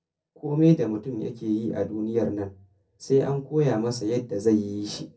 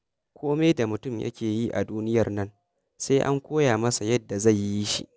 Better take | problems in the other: second | room echo; dies away in 0.3 s

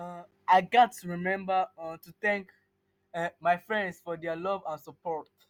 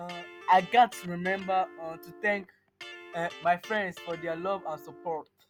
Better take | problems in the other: first | background sound (Electric guitar); 17 dB below the speech

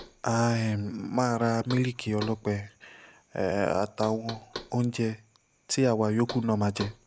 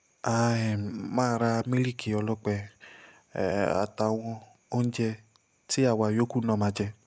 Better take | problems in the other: second | background sound (Knock); 18 dB below the speech

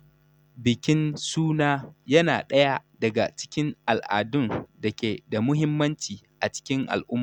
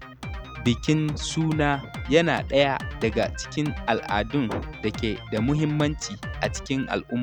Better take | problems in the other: first | background sound (Drum kit); 10 dB below the speech

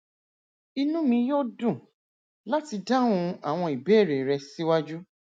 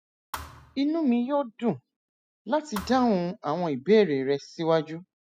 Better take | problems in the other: first | noise reduction (classical method spectral subtraction)

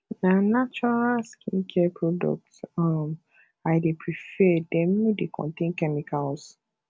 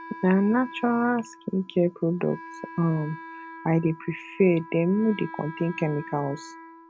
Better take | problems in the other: first | background sound (Wind instrument, woodwind instrument); 17 dB below the speech

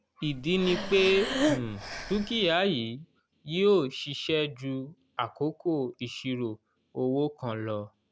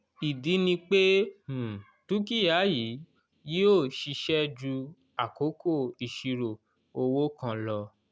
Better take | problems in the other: second | background sound (Breathing); 3 dB below the speech

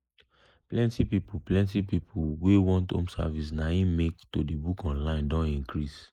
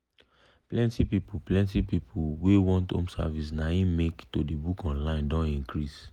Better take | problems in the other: second | noise reduction (neural mask model Resemble Enhance denoiser)

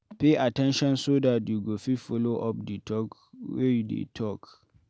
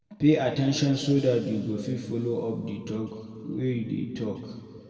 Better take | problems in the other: first | room echo; dies away in 2.2 s

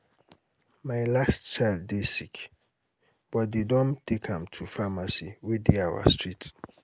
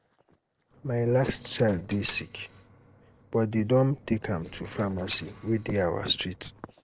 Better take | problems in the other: first | noise reduction (neural separator model SepFormer DNS4)

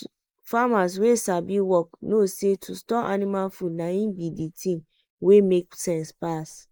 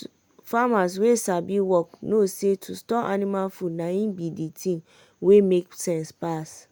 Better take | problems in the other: second | noise reduction (neural mask model Resemble Enhance denoiser)

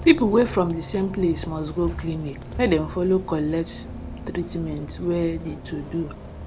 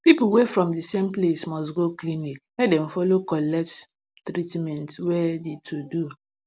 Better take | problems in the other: second | background sound (Bus); 11 dB below the speech

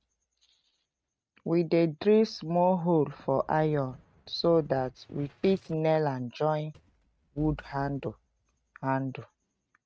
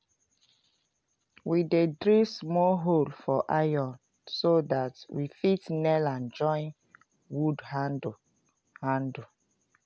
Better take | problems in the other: second | noise reduction (neural mask model RNNoise)

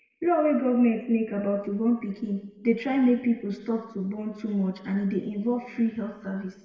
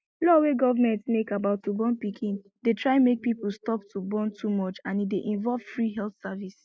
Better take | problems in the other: second | room echo; dies away in 0.9 s

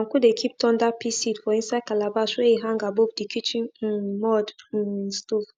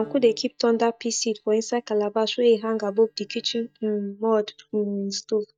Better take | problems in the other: first | noise reduction (neural mask model DeepFilterNet 3)

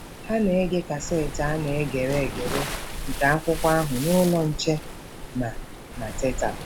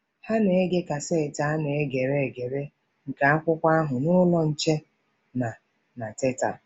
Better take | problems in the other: second | background sound (Waves, surf); 7 dB below the speech

